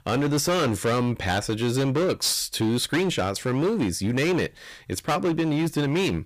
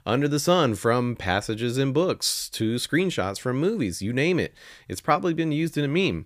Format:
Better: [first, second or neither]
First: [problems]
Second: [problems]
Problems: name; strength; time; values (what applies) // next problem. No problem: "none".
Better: second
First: distortion; heavy; 19% of the sound clipped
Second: none